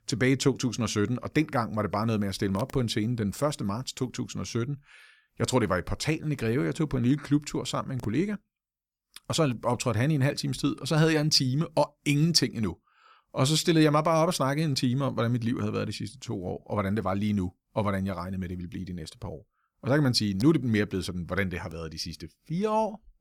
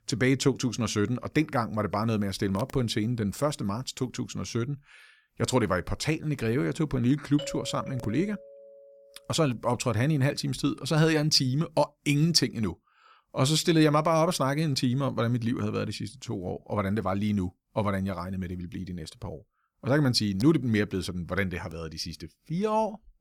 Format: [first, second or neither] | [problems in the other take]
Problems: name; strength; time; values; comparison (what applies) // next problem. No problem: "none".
first | doorbell; faint; from 7.5 to 9 s; peak 10 dB below the speech